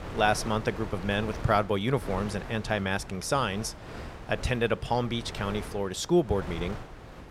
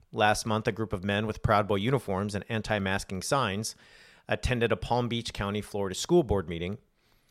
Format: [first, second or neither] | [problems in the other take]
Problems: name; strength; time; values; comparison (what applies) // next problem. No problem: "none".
second | wind noise on the microphone; occasional gusts; 15 dB below the speech